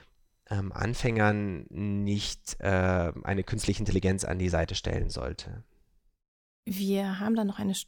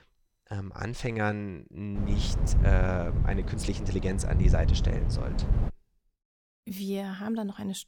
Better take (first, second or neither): first